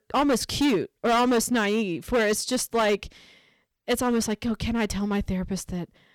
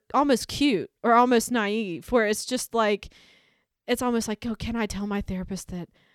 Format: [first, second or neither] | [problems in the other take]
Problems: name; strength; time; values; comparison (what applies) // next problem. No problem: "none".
second | distortion; heavy; 9% of the sound clipped